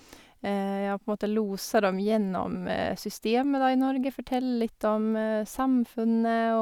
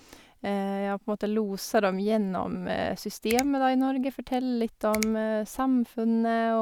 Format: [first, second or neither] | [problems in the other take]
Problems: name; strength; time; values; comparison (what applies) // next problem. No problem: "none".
first | background sound (Finger snapping); 15 dB below the speech